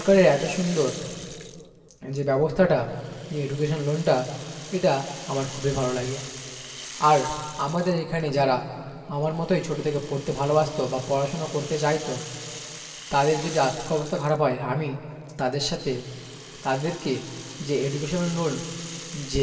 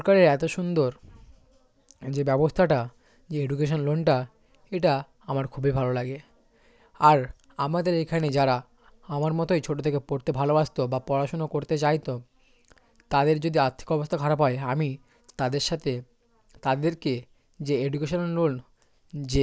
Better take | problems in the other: second | background sound (Rattle (instrument)); 16 dB below the speech // room echo; dies away in 2.3 s

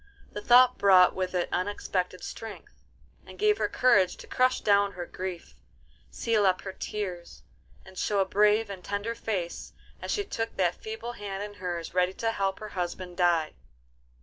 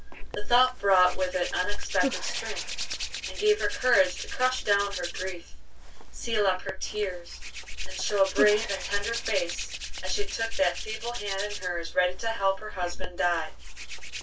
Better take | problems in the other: first | background sound (Hands); 11 dB below the speech // room echo; dies away in 0.2 s

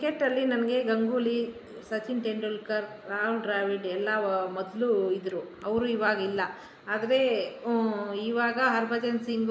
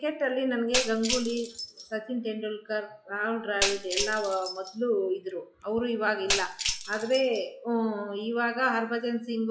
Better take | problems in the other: first | noise reduction (classical method log-MMSE)

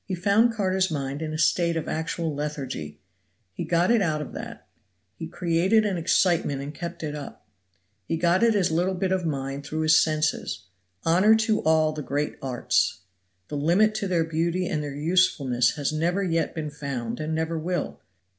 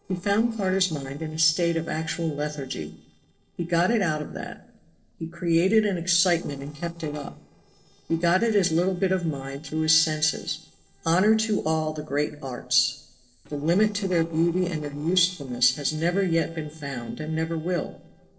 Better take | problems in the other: first | noise reduction (neural separator model SepFormer DNS4)

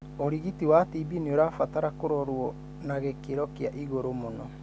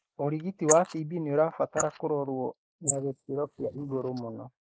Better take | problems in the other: first | noise reduction (neural mask model Resemble Enhance denoiser)

